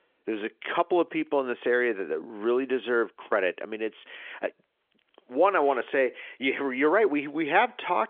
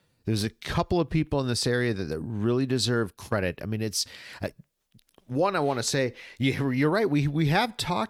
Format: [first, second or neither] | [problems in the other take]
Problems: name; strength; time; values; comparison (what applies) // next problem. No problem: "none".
second | phone-call audio; nothing above 3.5 kHz